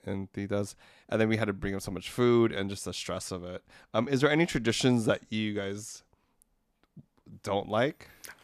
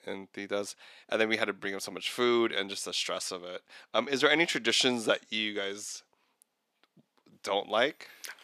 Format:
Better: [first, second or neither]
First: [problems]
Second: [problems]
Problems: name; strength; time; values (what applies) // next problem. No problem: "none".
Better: first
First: none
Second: thin; somewhat; fading below 350 Hz